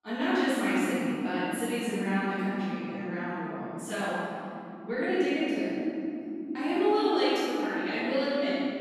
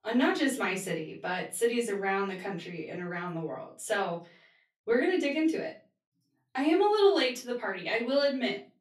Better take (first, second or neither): second